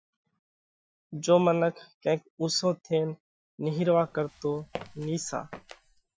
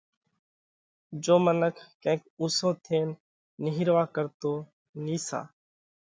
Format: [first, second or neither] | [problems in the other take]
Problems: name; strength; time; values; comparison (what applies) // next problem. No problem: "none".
second | noise reduction (classical method Wiener filter)